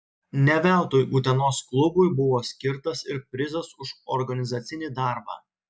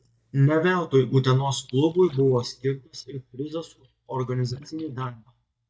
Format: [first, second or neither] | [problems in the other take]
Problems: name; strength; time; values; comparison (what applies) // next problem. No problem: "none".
first | noise reduction (neural mask model DeepFilterNet 3)